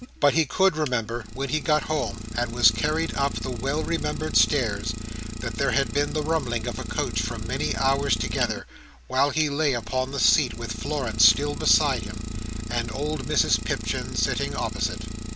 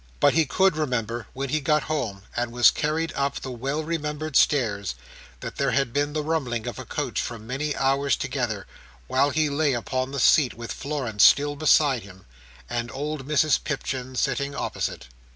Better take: second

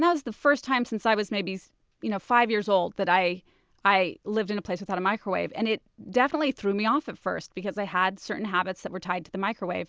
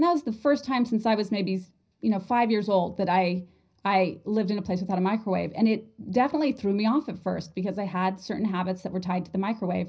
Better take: first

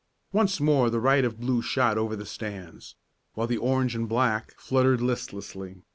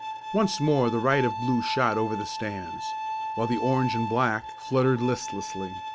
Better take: first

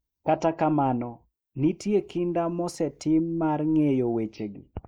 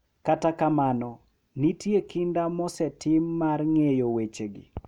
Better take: second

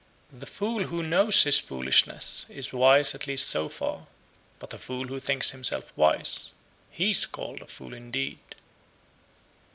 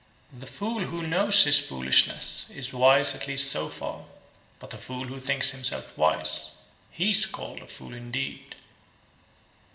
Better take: first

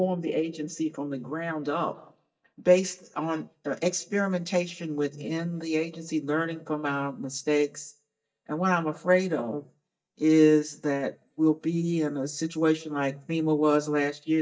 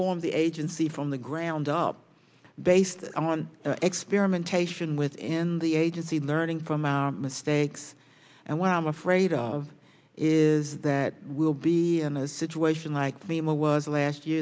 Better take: second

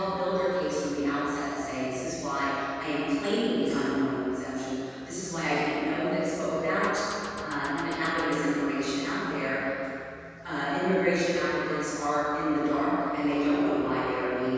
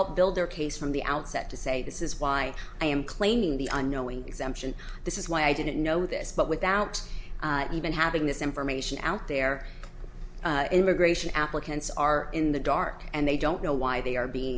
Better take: second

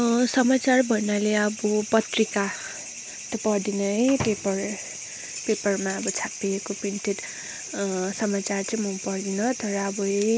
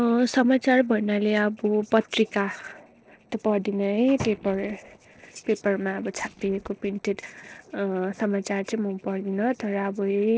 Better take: first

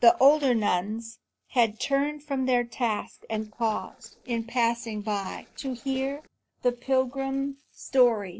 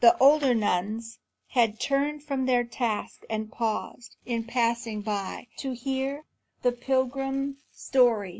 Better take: second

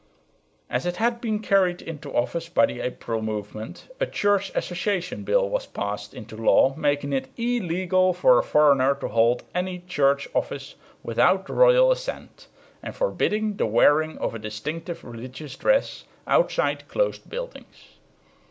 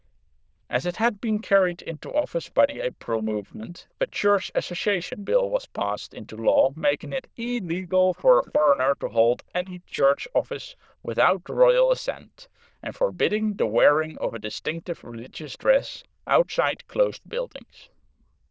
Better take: first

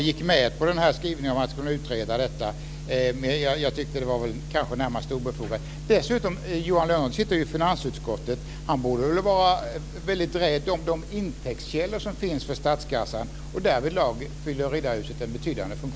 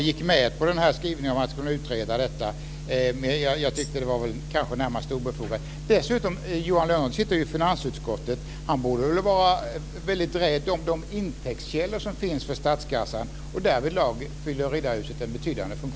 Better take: first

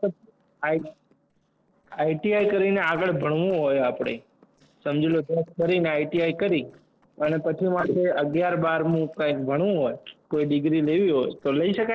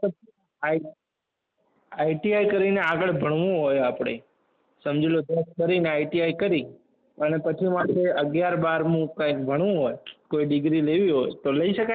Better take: second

